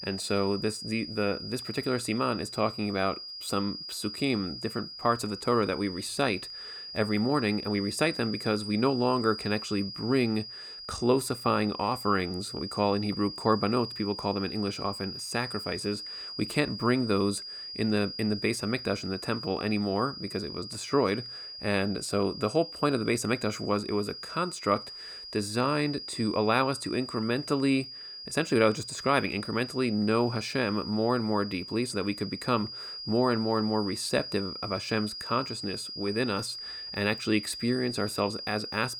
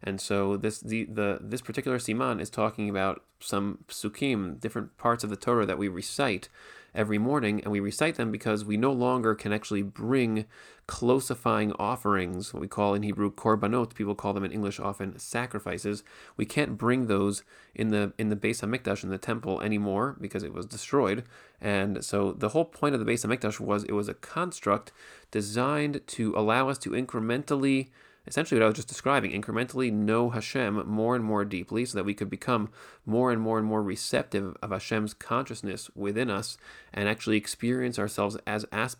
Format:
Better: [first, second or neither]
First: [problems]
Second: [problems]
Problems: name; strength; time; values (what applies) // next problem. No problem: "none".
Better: second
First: high-pitched whine; loud; throughout; 5 kHz, 9 dB below the speech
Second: none